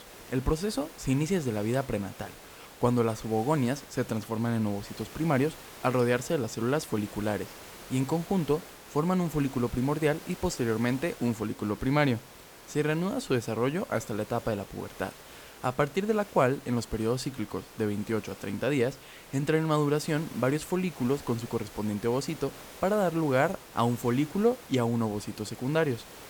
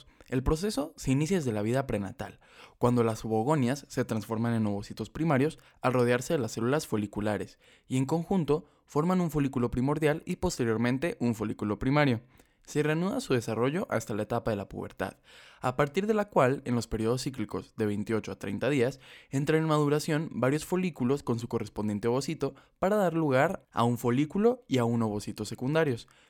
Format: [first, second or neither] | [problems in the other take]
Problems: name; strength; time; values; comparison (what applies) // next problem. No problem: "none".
second | hiss; noticeable; throughout; 15 dB below the speech